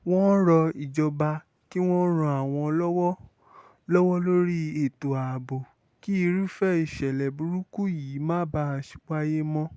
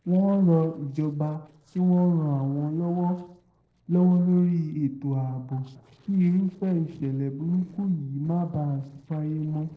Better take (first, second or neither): first